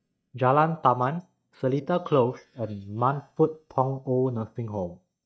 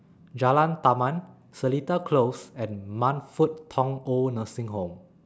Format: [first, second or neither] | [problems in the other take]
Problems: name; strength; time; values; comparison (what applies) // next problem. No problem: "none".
second | noise reduction (neural mask model DeepFilterNet 3)